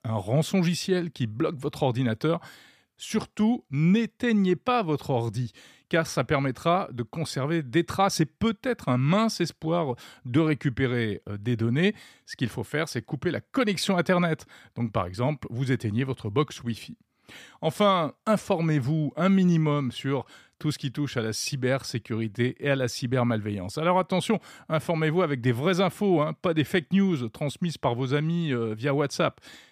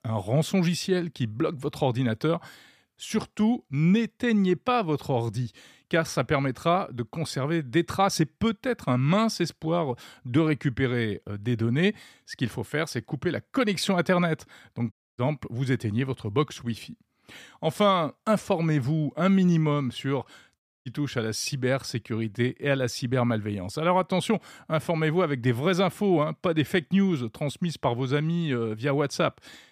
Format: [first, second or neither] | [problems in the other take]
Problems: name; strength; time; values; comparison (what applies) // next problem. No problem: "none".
first | audio cutting out; at 15 s and at 21 s